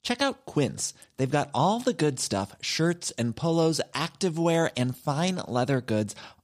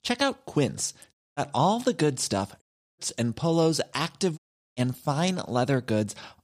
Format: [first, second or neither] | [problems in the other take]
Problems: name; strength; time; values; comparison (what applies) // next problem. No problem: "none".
first | audio cutting out; at 1 s, at 2.5 s and at 4.5 s